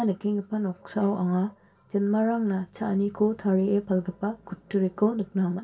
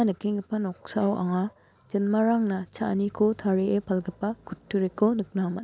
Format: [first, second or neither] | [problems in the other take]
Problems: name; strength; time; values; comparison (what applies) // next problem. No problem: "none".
second | room echo; dies away in 0.2 s